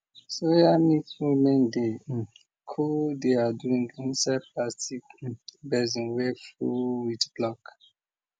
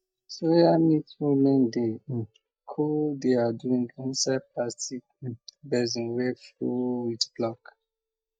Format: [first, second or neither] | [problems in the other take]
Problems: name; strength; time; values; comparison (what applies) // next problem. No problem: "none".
first | noise reduction (neural mask model DeepFilterNet 3)